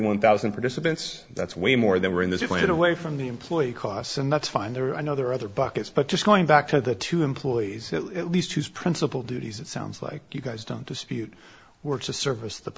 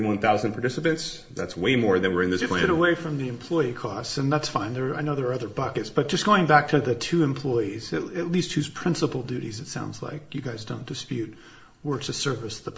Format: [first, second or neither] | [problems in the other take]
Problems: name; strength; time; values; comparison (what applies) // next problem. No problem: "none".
first | room echo; dies away in 0.6 s